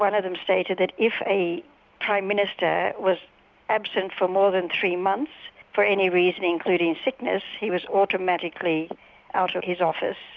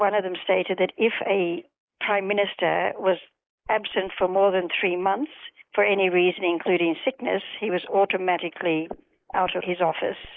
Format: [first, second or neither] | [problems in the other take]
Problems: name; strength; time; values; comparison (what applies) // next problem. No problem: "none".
first | noise reduction (neural mask model Resemble Enhance denoiser)